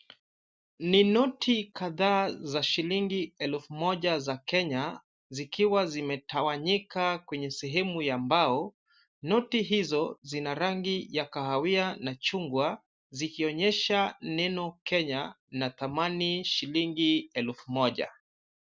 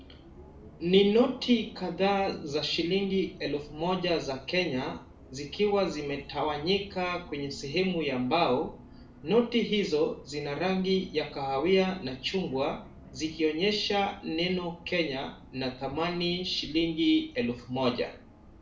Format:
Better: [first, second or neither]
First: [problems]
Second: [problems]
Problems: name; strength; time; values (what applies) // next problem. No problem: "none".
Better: first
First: none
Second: background sound (Bus); 20 dB below the speech // room echo; dies away in 0.4 s